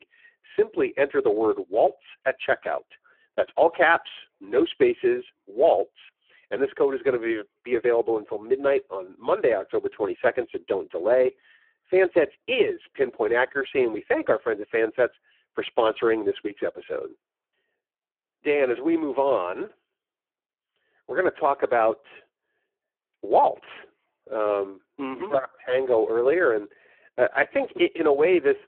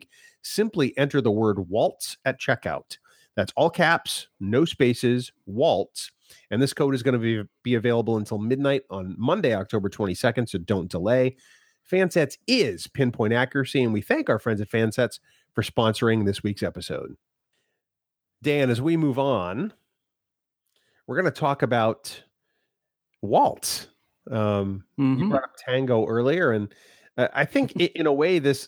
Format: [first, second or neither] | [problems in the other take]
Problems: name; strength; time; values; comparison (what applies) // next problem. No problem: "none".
second | phone-call audio; poor line